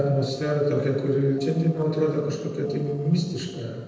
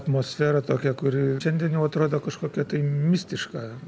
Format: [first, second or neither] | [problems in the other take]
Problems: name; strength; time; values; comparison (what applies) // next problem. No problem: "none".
second | noise reduction (neural separator model SepFormer DNS4)